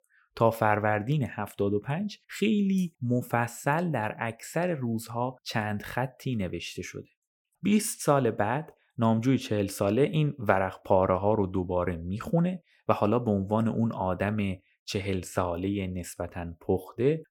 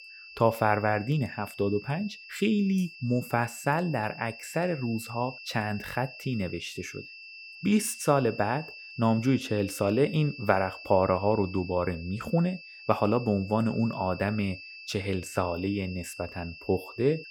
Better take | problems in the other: first | high-pitched whine; noticeable; throughout; 2.5 kHz, 15 dB below the speech

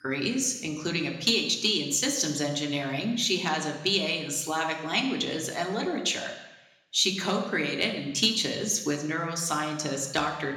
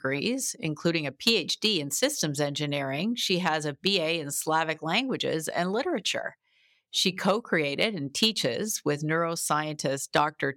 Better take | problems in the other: second | room echo; slight; dies away in 0.9 s

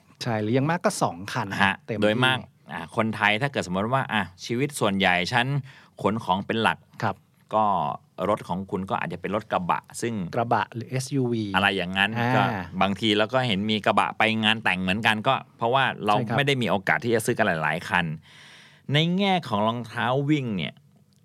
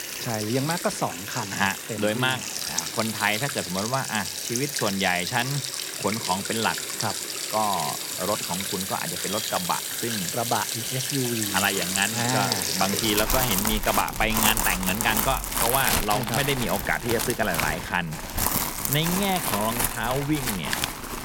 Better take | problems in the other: first | household noises; very loud; throughout; as loud as the speech

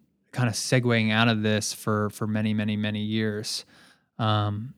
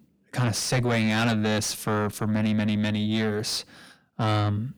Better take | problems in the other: first | distortion; heavy; 7 dB below the speech

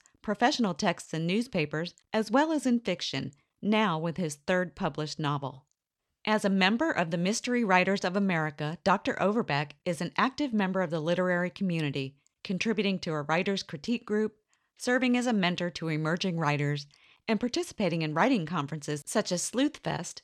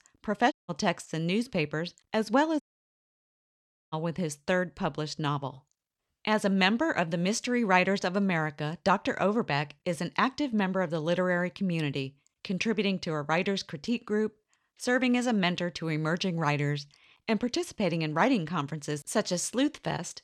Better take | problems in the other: first | audio cutting out; at 0.5 s and at 2.5 s for 1.5 s

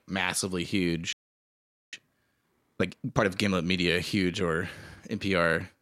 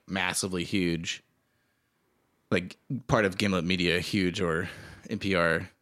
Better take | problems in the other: second | audio freezing; at 1 s for 1 s

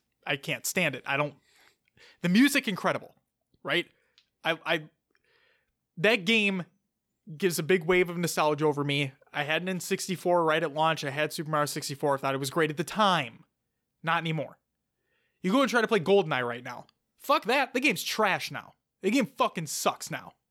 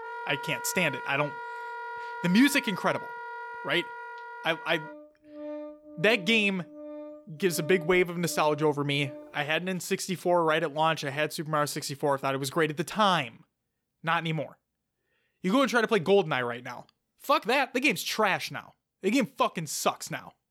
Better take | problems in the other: first | background music; noticeable; until 9.5 s; 15 dB below the speech

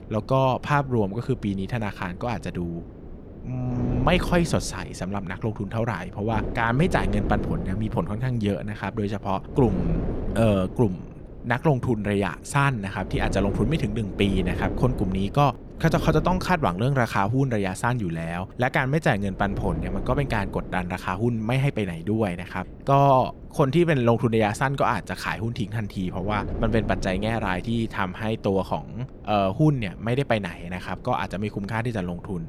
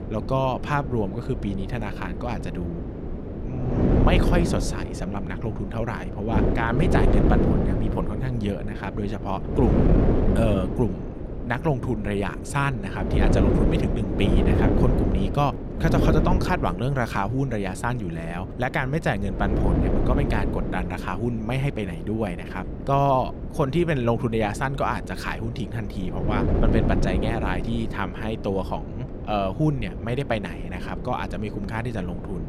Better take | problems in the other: first | wind noise on the microphone; heavy; 4 dB below the speech; occasional gusts in the first

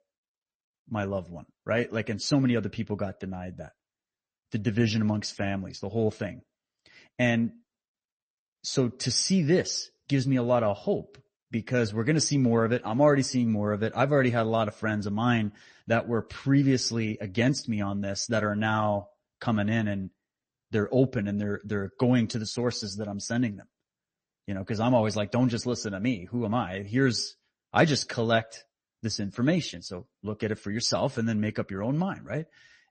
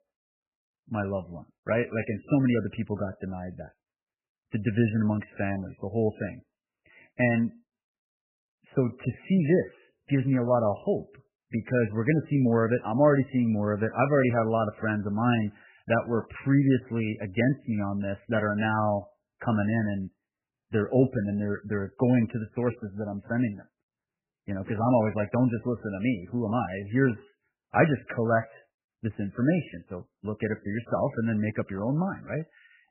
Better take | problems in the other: first | garbled, watery; badly; nothing above 3 kHz; slightly in the first

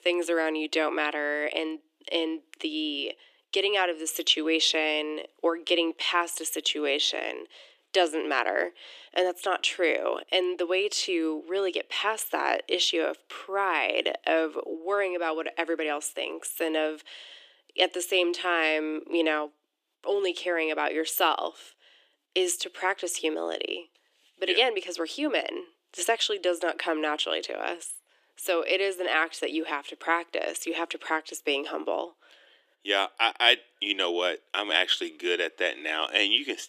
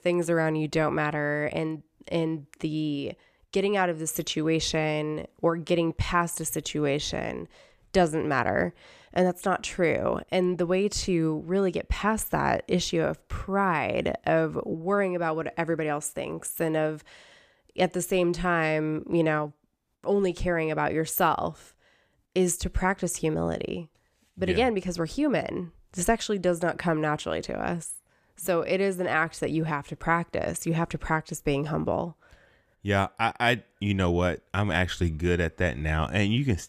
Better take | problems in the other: second | thin; very; fading below 300 Hz

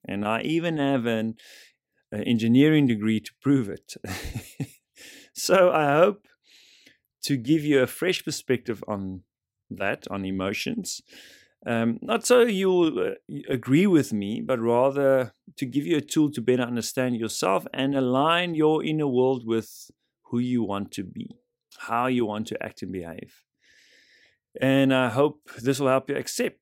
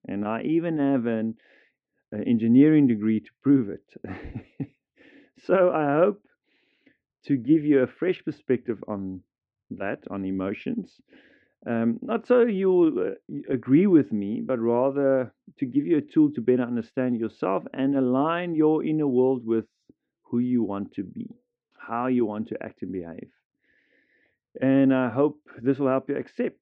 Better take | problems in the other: first | muffled; very; fading above 2 kHz

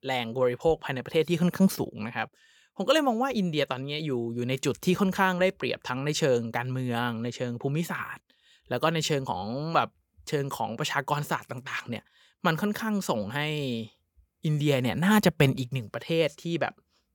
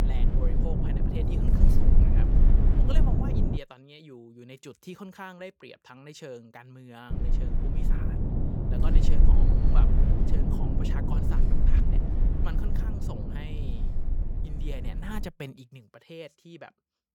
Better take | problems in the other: first | wind noise on the microphone; heavy; until 3.5 s and from 7 to 15 s; 4 dB above the speech

